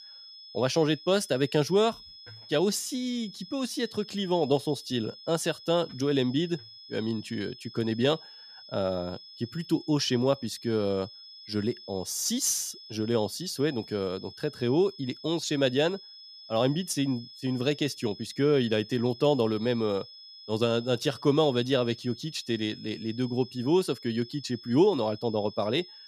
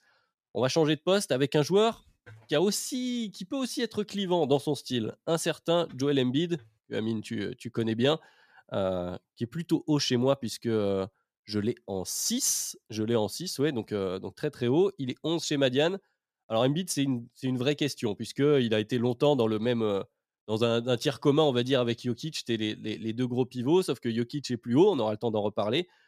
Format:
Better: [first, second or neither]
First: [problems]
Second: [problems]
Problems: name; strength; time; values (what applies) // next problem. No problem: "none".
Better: second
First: high-pitched whine; noticeable; throughout; 5 kHz, 15 dB below the speech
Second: none